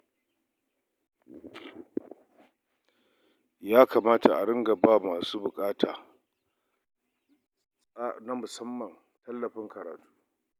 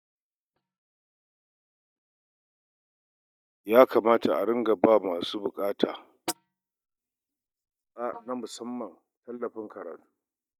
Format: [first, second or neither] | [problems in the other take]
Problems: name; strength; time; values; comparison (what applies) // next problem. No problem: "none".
first | noise reduction (neural mask model DeepFilterNet 3)